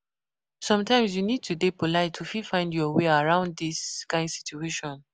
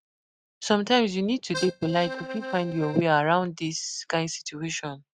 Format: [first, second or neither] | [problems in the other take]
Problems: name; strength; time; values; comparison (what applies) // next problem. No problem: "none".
first | noise reduction (neural mask model RNNoise)